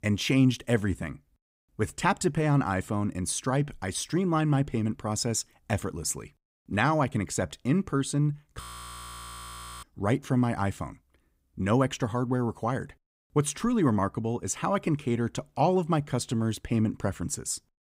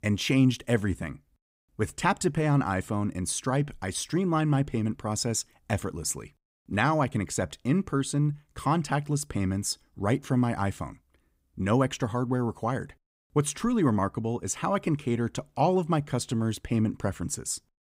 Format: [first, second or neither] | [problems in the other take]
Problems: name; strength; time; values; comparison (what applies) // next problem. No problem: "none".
second | audio freezing; at 8.5 s for 1 s